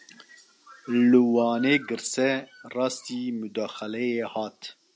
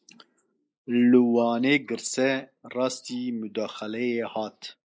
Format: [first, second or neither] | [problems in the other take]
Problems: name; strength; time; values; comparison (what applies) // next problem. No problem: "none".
first | noise reduction (neural mask model Resemble Enhance denoiser)